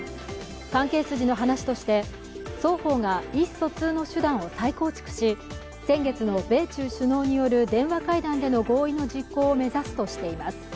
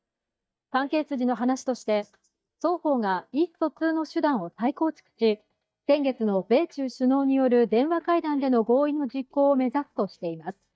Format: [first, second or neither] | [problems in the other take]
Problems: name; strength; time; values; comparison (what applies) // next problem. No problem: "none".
first | noise reduction (neural mask model DeepFilterNet 3)